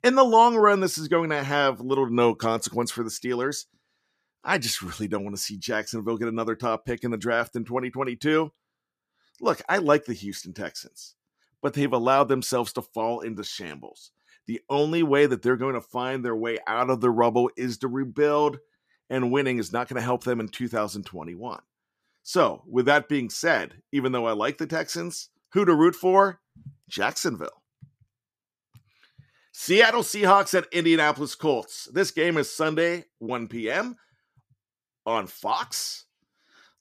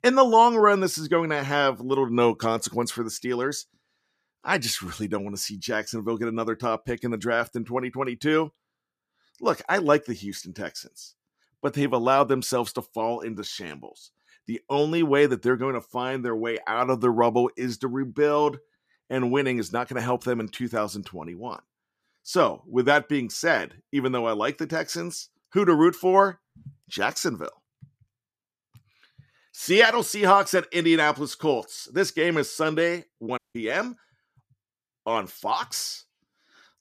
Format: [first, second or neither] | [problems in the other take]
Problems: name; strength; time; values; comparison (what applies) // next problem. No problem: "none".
first | audio cutting out; at 33 s